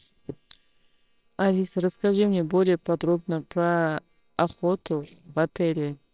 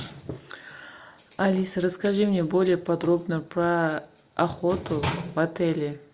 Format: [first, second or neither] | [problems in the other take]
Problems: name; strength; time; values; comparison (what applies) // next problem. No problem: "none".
second | noise reduction (neural separator model SepFormer WHAMR!)